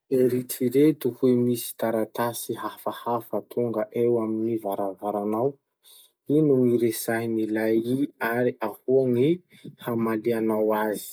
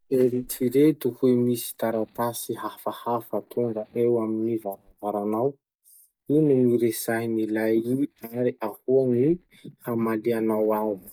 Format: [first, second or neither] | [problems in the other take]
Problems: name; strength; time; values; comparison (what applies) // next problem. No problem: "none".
first | noise reduction (neural mask model DeepFilterNet 3)